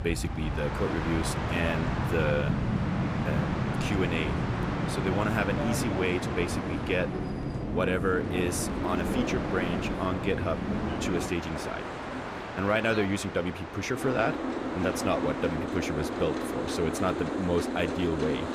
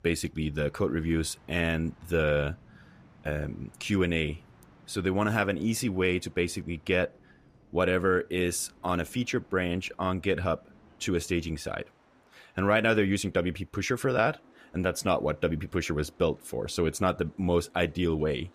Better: second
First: train or aircraft noise; loud; throughout; 1 dB below the speech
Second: train or aircraft noise; faint; throughout; 30 dB below the speech

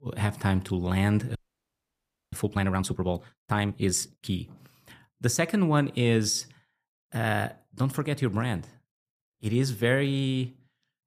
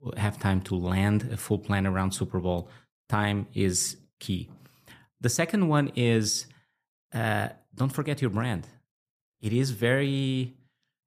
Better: second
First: audio freezing; at 1.5 s for 1 s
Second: none

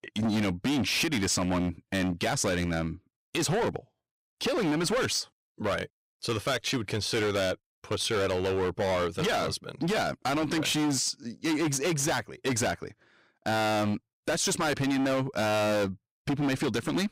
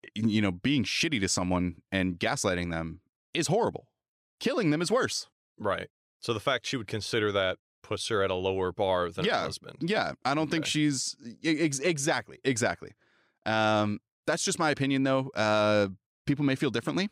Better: second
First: distortion; heavy; 22% of the sound clipped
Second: none

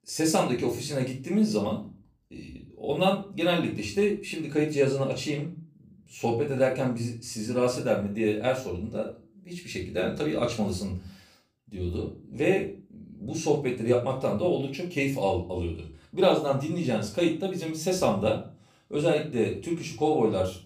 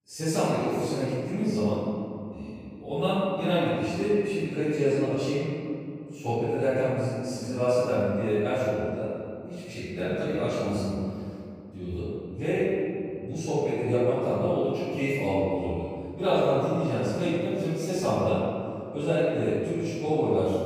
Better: first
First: room echo; slight; dies away in 0.3 s // off-mic speech; far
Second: room echo; strong; dies away in 2.4 s // off-mic speech; far

